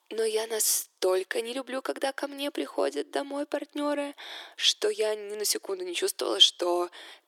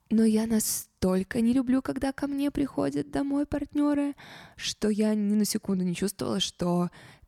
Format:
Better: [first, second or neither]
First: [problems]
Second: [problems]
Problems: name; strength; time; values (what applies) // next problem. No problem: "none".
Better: second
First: thin; very; fading below 350 Hz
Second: none